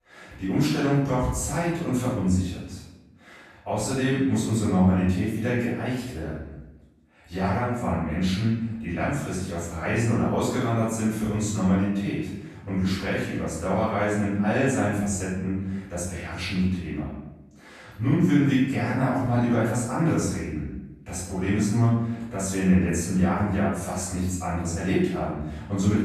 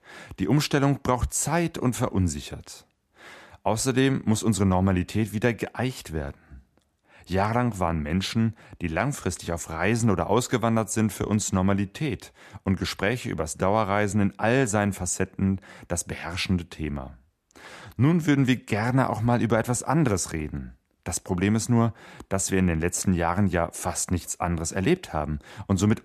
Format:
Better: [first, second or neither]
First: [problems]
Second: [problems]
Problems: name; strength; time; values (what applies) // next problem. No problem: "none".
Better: second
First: room echo; strong; dies away in 0.8 s // off-mic speech; far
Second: none